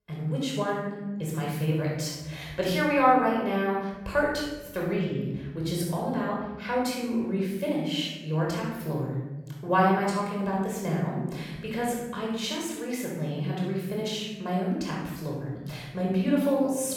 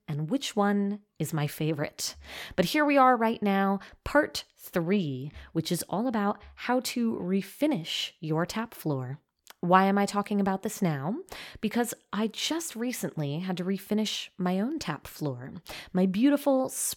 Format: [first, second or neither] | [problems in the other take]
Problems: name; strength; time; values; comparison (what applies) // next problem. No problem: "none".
second | off-mic speech; far // room echo; noticeable; dies away in 1.3 s